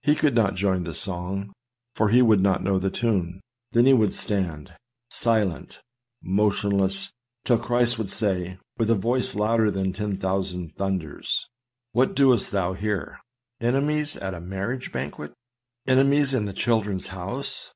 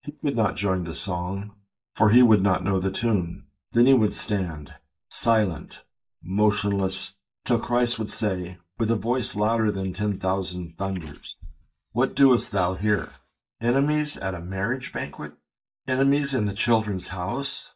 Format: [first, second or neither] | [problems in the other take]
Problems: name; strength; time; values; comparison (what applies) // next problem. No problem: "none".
first | noise reduction (neural mask model DeepFilterNet 3)